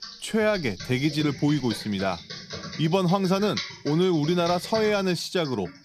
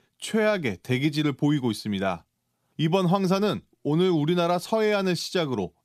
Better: second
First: keyboard typing; noticeable; peak 7 dB below the speech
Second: none

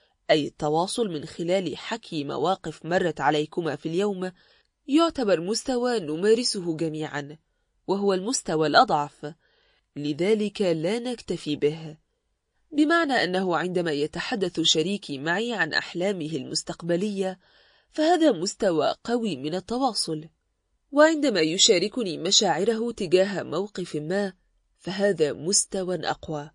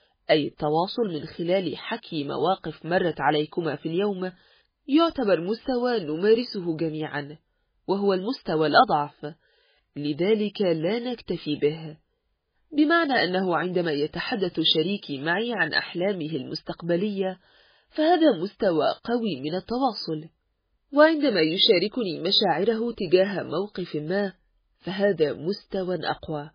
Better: first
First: garbled, watery; slightly; nothing above 10 kHz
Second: garbled, watery; badly; nothing above 4 kHz

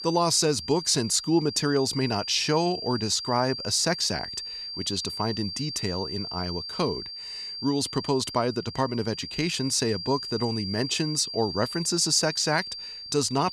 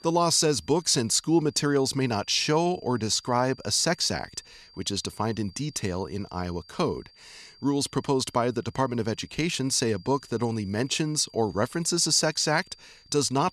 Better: second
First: high-pitched whine; loud; throughout; 4.5 kHz, 8 dB below the speech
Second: high-pitched whine; faint; throughout; 4.5 kHz, 25 dB below the speech

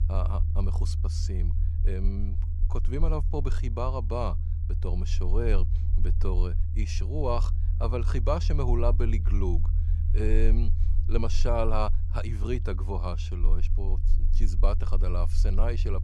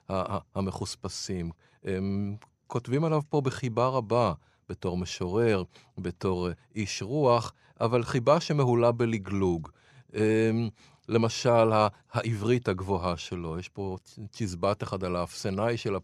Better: second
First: low rumble; noticeable; throughout; 15 dB below the speech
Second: none

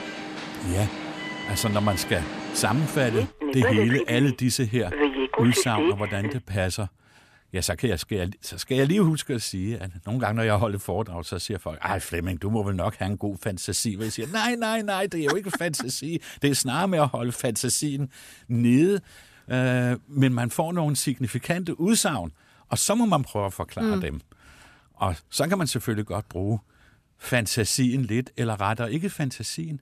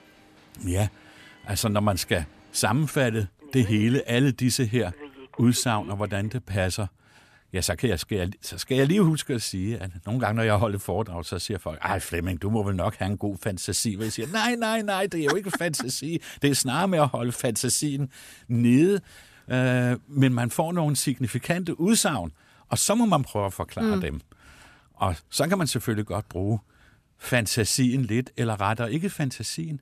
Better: second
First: alarms or sirens; loud; until 6.5 s; 3 dB below the speech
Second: alarms or sirens; faint; until 6.5 s; 25 dB below the speech

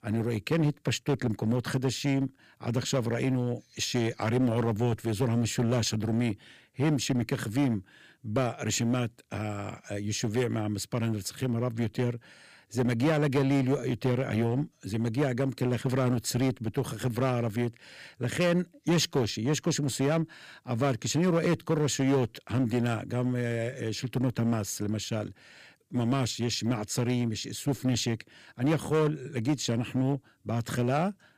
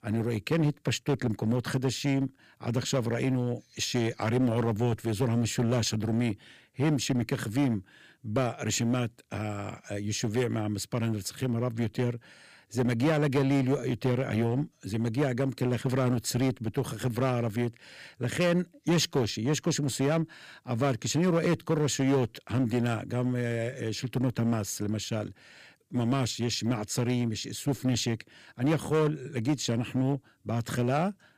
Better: neither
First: distortion; slight; 7% of the sound clipped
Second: distortion; slight; 7% of the sound clipped

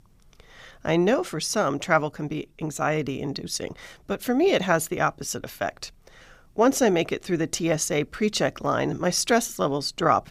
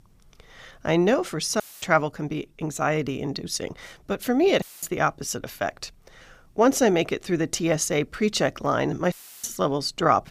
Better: first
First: none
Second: audio cutting out; filled with static; at 1.5 s, at 4.5 s and at 9 s

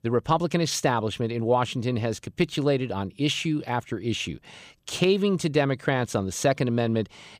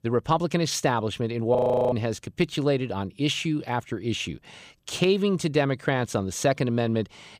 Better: first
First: none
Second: audio freezing; at 1.5 s

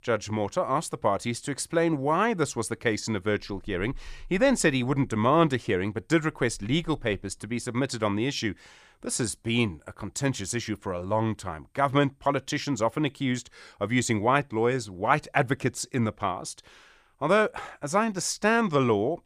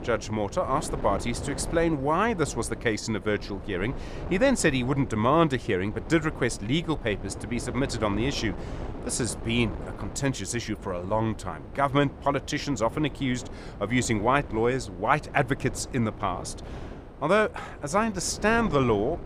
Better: first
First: none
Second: wind noise on the microphone; occasional gusts; 15 dB below the speech

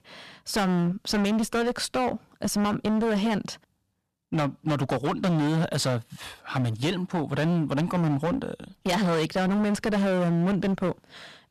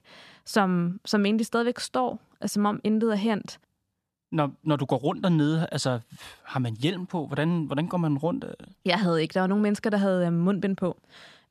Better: second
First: distortion; heavy; 25% of the sound clipped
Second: none

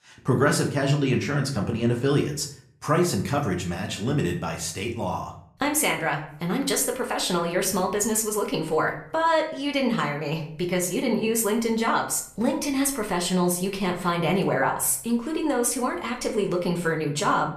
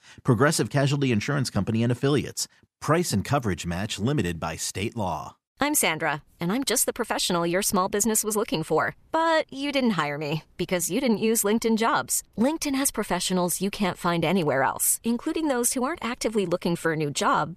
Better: second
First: room echo; slight; dies away in 0.5 s // off-mic speech; somewhat distant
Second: none

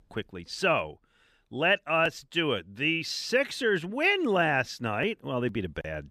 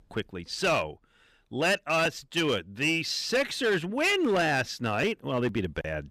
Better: first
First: none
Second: distortion; slight; 9% of the sound clipped

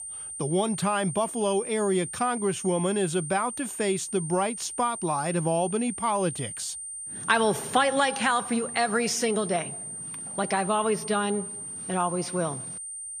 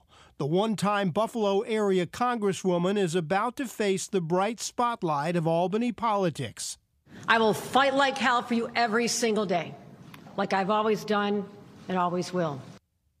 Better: second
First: high-pitched whine; loud; throughout; 9 kHz, 7 dB below the speech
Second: none

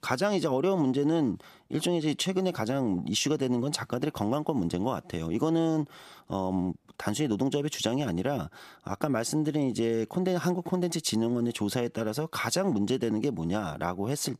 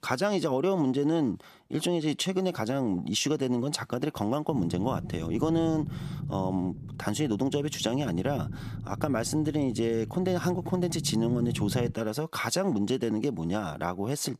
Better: first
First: none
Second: low rumble; noticeable; from 4.5 to 12 s; 15 dB below the speech

